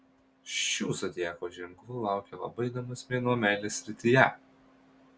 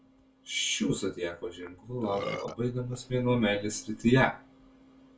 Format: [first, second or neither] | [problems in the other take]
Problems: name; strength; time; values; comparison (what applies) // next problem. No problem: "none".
first | background sound (Burping, eructation); 15 dB below the speech // room echo; dies away in 0.2 s